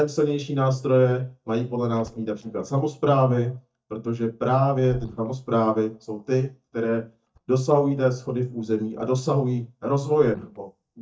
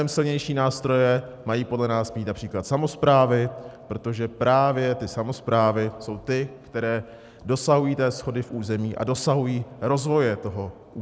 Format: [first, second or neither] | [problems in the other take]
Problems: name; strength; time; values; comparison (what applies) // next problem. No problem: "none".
second | noise reduction (neural mask model DeepFilterNet 3)